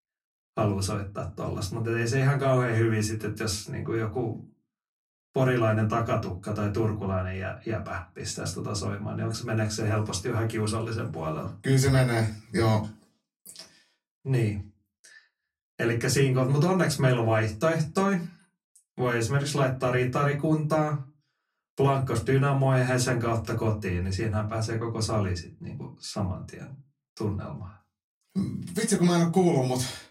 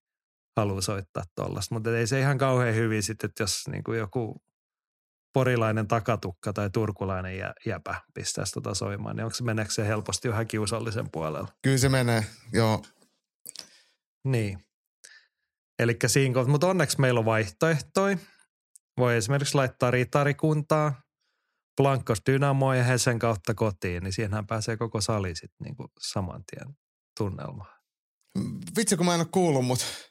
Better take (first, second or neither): second